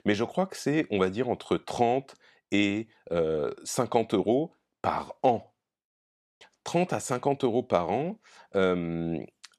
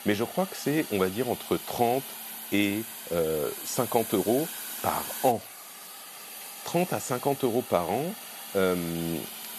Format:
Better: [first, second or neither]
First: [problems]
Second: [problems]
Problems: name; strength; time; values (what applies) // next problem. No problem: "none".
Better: first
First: none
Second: hiss; loud; throughout; 8 dB below the speech